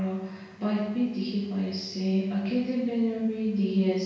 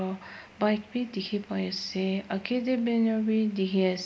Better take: second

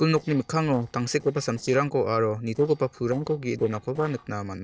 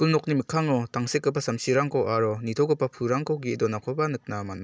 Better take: second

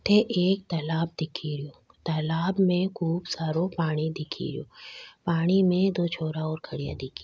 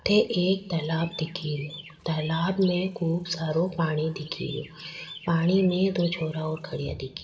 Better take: first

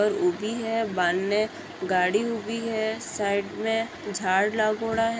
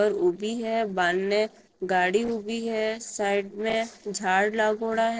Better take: first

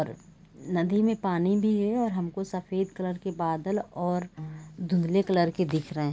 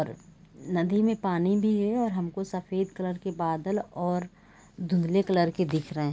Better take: second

